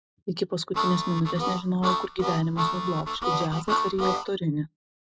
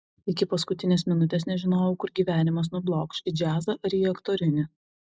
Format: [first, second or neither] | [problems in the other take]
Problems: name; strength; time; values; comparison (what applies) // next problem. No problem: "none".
second | background sound (Harmonica); as loud as the speech